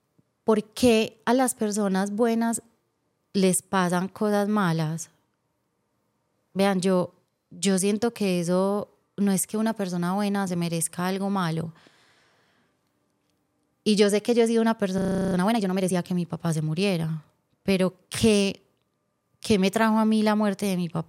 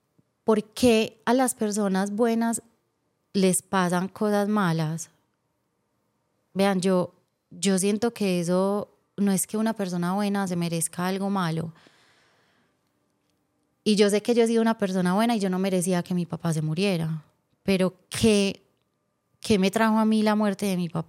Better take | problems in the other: second | audio freezing; at 15 s

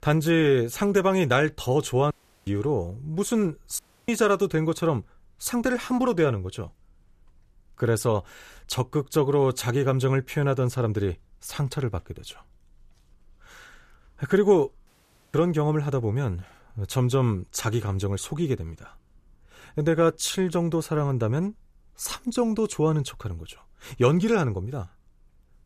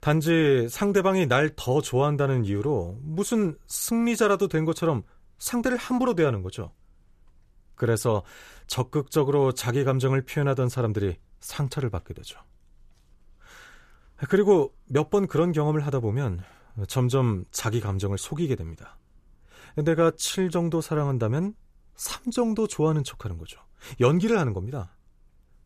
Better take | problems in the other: second | audio cutting out; at 2 s, at 4 s and at 15 s

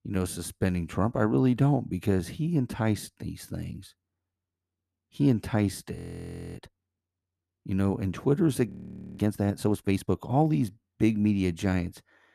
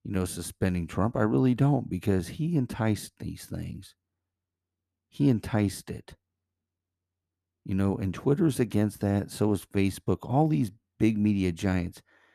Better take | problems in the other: second | audio freezing; at 6 s for 0.5 s and at 8.5 s

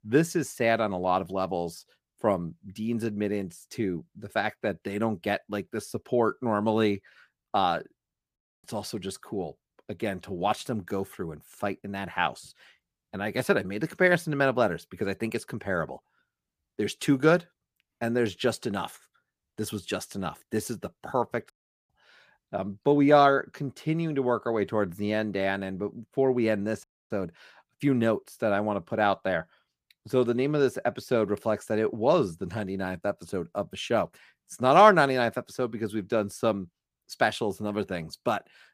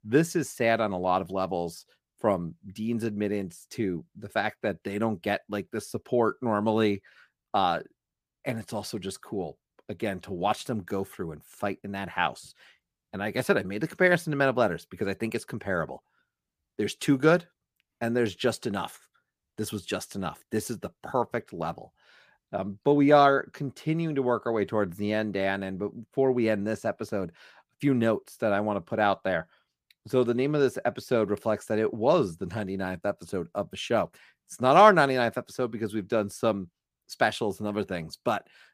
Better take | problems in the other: second | audio cutting out; at 8.5 s, at 22 s and at 27 s

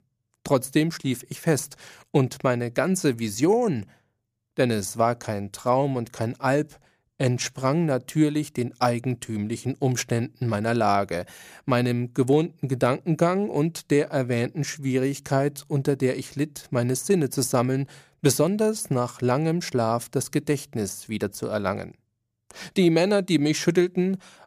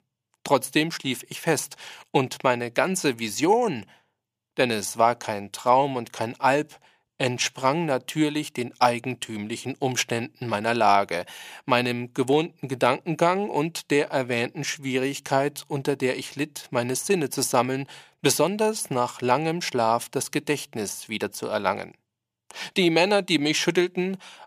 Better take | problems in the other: first | thin; very slightly; fading below 600 Hz

